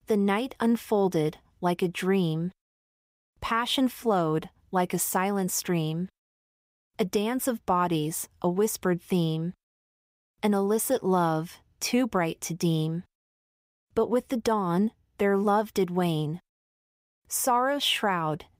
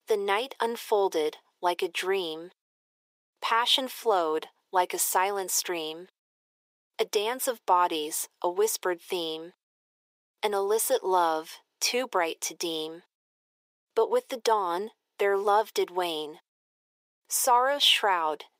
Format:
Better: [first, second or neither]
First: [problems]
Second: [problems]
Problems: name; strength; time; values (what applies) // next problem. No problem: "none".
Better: first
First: none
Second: thin; very; fading below 400 Hz